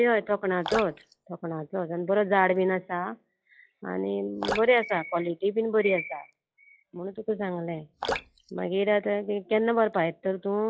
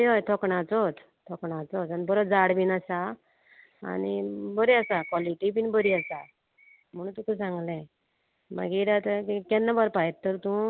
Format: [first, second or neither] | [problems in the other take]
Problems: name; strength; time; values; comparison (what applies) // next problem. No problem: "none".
second | noise reduction (classical method log-MMSE)